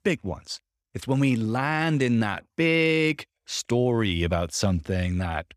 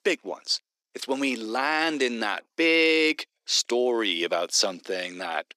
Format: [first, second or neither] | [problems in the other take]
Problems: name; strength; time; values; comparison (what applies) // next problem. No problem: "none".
first | thin; somewhat; fading below 300 Hz